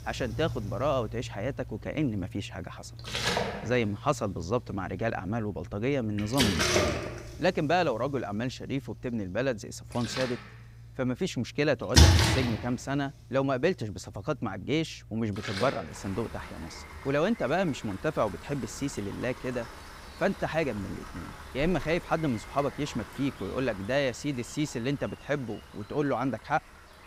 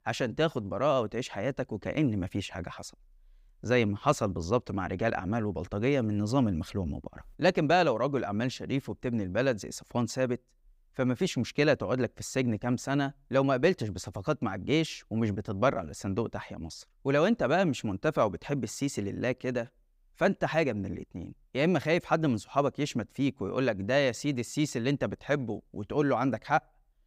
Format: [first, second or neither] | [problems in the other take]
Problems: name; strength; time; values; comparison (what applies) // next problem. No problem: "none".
second | rain or running water; very loud; throughout; as loud as the speech